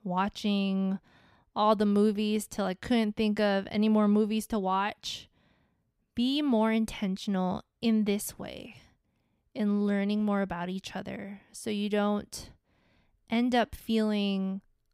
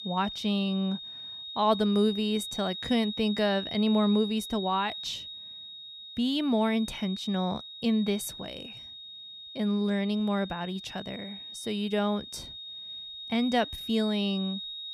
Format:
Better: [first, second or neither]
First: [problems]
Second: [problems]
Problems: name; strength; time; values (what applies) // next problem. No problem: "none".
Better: first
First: none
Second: high-pitched whine; loud; throughout; 4 kHz, 9 dB below the speech